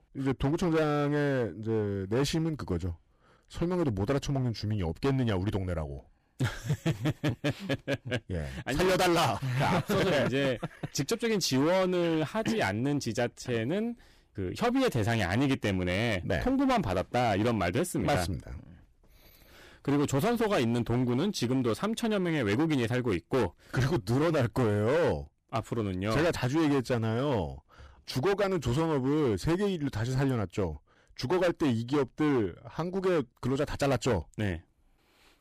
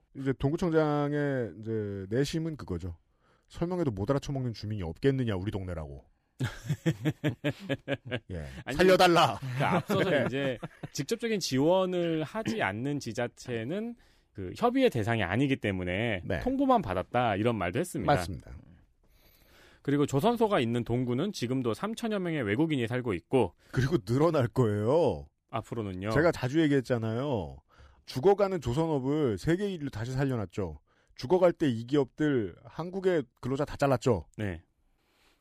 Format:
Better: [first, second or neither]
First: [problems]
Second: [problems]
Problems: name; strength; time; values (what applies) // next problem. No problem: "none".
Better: second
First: distortion; heavy; 15% of the sound clipped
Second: none